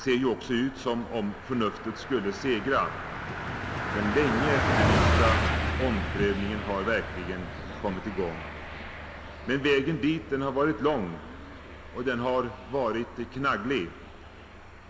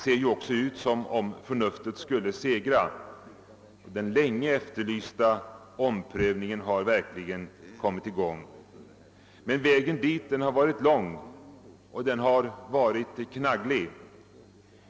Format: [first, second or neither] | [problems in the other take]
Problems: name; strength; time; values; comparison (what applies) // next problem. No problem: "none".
second | background sound (Car passing by); 2 dB below the speech // room echo; dies away in 0.7 s